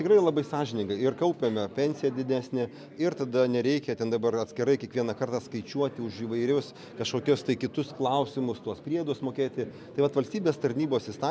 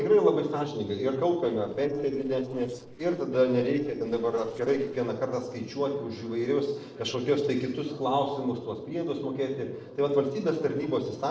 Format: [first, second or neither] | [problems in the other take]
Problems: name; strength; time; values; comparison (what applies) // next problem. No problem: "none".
first | noise reduction (neural separator model SepFormer DNS4)